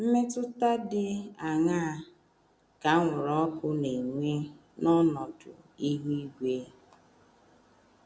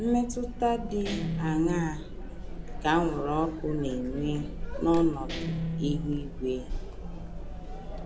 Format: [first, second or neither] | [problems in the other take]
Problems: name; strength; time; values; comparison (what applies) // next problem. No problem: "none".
first | background sound (Chatter + Guitar); 4 dB below the speech